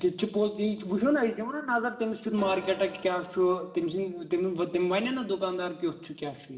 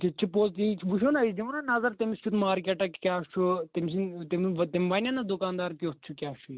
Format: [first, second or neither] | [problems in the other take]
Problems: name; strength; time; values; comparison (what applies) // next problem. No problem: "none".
second | background sound (Organ); 18 dB below the speech // room echo; dies away in 1.1 s